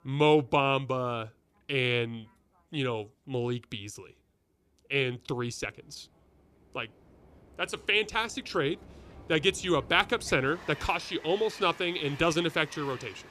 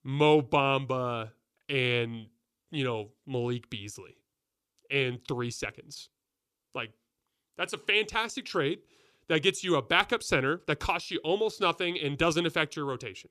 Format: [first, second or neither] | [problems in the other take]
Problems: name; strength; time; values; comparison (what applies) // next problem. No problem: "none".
second | train or aircraft noise; noticeable; throughout; 20 dB below the speech